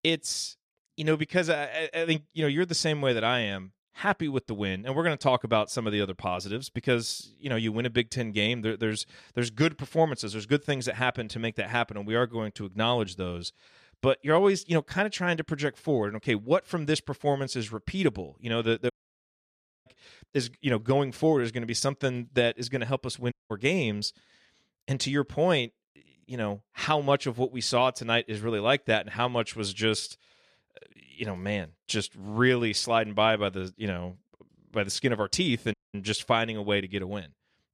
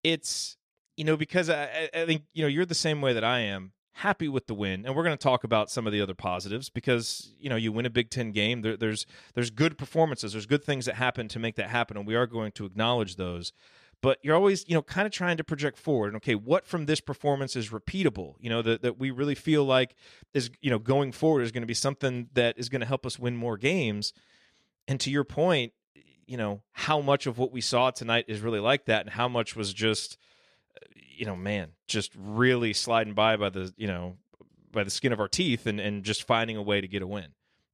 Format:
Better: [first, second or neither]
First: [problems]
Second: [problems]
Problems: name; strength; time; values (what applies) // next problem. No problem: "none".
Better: second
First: audio cutting out; at 19 s for 1 s, at 23 s and at 36 s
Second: none